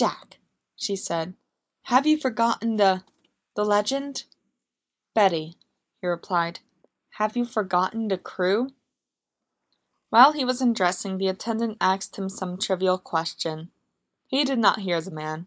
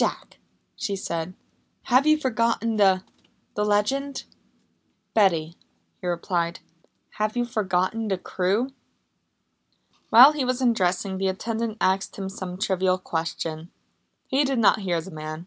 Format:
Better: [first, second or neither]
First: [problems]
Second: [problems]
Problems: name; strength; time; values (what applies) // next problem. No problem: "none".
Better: second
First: noise reduction (neural mask model Resemble Enhance denoiser)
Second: none